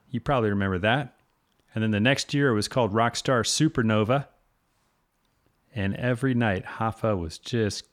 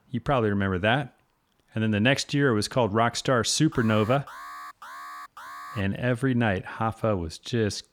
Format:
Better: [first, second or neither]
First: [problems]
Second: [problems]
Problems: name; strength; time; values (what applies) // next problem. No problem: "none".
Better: first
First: none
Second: alarm; faint; from 3.5 to 6 s; peak 15 dB below the speech